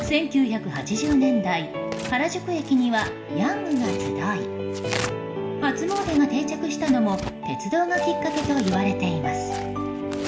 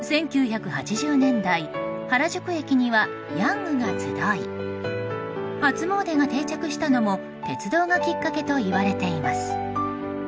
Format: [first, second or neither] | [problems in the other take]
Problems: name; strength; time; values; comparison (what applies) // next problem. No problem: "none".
second | background sound (Tearing); 15 dB below the speech // room echo; dies away in 0.6 s